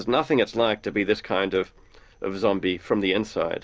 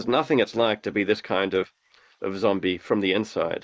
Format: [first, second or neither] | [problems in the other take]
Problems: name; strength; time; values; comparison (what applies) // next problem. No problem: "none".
first | noise reduction (neural mask model Resemble Enhance denoiser)